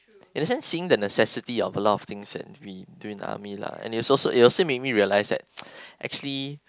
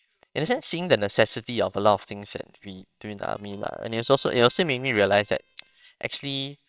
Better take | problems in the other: first | noise reduction (neural separator model SepFormer WHAMR!)

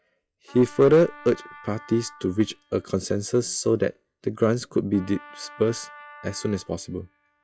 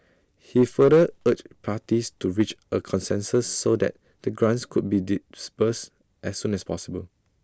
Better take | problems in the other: second | noise reduction (classical method log-MMSE)

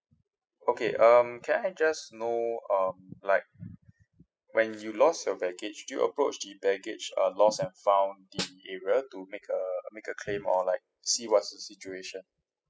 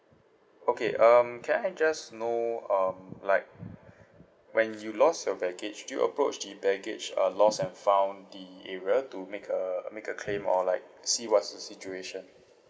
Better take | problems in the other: second | noise reduction (classical method spectral subtraction)

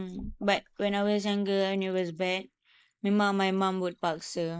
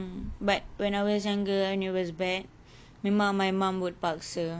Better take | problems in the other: second | noise reduction (neural mask model Resemble Enhance denoiser)

